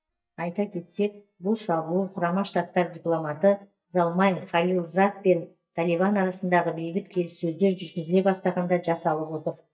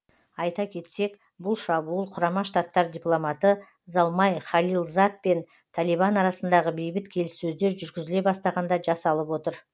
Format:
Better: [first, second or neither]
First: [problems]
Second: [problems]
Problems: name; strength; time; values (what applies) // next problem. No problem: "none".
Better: second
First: noise reduction (neural mask model DeepFilterNet 3)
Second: none